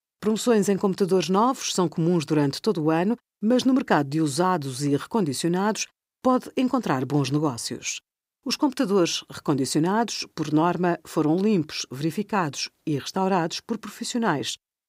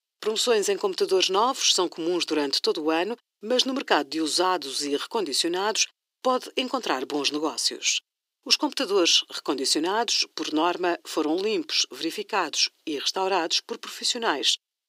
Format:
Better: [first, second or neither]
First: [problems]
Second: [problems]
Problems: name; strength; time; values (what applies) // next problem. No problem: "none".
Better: first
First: none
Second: thin; somewhat; fading below 350 Hz